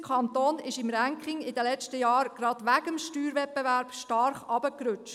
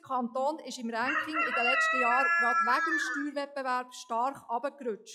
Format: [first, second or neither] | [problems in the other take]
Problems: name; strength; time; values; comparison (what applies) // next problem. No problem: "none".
first | noise reduction (classical method log-MMSE)